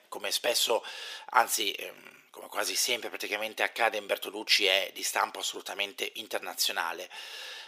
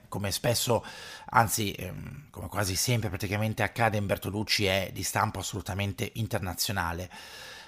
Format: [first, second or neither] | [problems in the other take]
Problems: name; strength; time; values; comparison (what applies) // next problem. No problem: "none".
second | thin; very; fading below 400 Hz